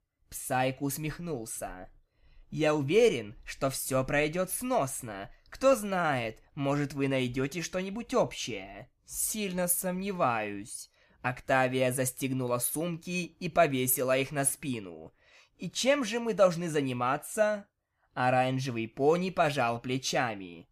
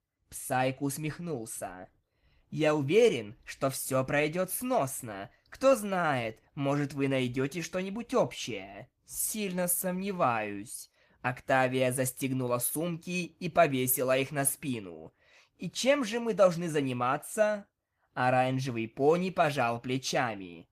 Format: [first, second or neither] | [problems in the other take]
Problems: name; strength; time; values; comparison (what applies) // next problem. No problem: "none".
first | garbled, watery; slightly; nothing above 14.5 kHz